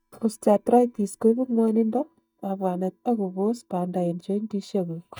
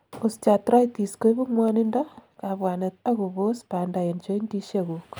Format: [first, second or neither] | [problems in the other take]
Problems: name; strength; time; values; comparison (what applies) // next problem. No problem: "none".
second | noise reduction (neural mask model DeepFilterNet 3)